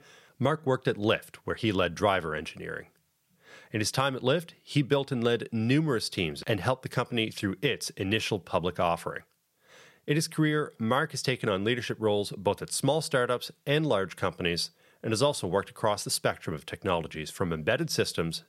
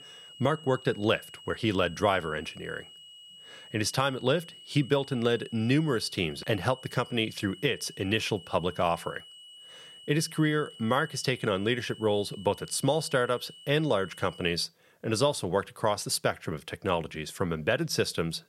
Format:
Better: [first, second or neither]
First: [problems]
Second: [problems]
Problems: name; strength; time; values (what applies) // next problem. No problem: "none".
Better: first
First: none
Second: high-pitched whine; noticeable; until 15 s; 3 kHz, 20 dB below the speech